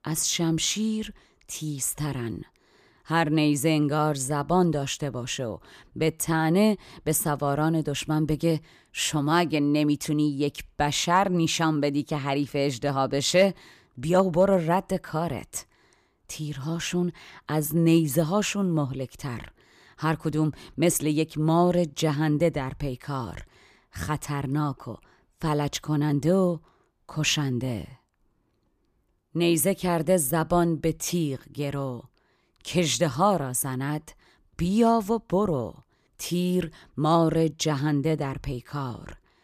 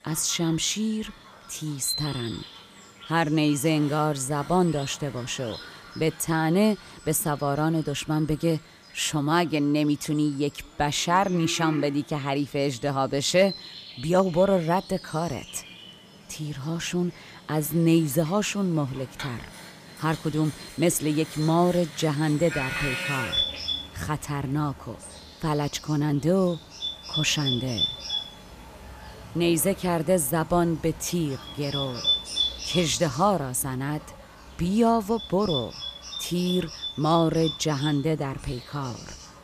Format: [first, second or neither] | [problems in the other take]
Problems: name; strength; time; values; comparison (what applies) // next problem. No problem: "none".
first | animal sounds; loud; throughout; 7 dB below the speech